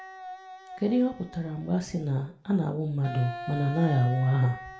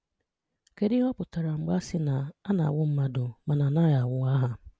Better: second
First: background sound (Wind instrument, woodwind instrument); 14 dB below the speech // room echo; dies away in 0.4 s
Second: none

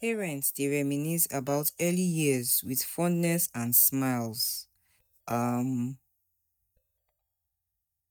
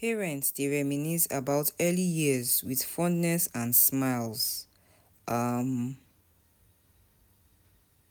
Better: second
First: noise reduction (neural mask model DeepFilterNet 3)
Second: none

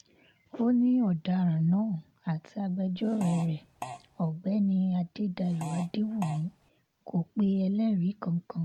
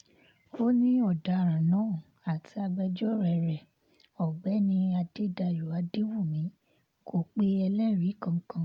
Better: second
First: background sound (Fart); 15 dB below the speech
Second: none

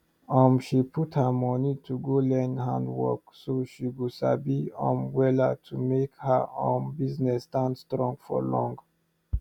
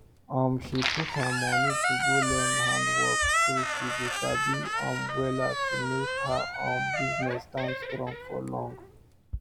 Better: first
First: none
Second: background sound (Squeak); 3 dB above the speech

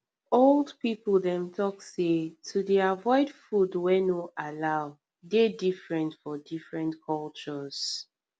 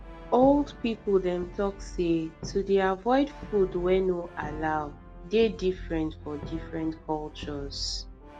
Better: first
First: none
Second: background sound (Brass instrument); 13 dB below the speech

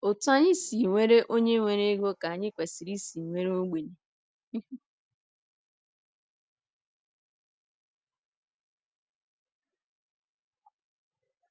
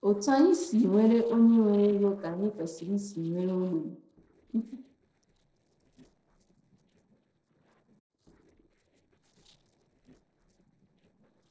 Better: first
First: none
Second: noise reduction (neural separator model SepFormer DNS4)

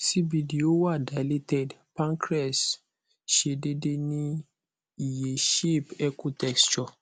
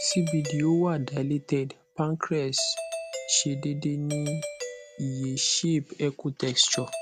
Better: first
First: none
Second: background sound (Doorbell); 12 dB below the speech

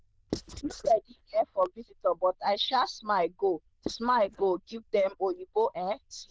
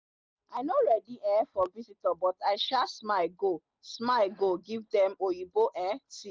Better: second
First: noise reduction (neural diffusion model UNIVERSE++)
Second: none

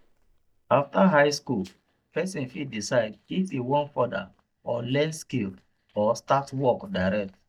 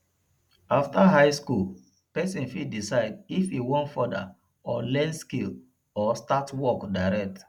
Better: second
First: noise reduction (neural mask model DeepFilterNet 3)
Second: none

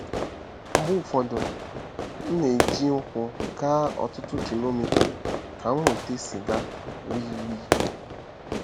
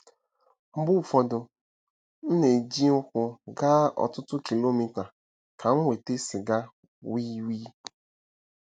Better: second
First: background sound (Fireworks); 1 dB below the speech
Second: none

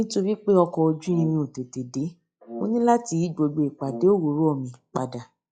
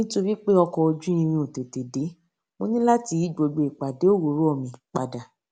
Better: second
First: noise reduction (classical method log-MMSE)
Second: none

